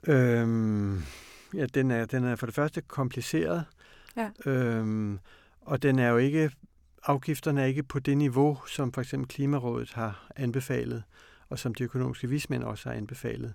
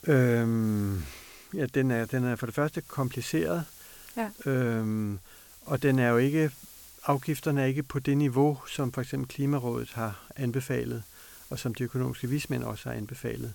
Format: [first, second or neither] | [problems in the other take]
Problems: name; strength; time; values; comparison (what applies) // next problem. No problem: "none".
first | hiss; faint; throughout; 20 dB below the speech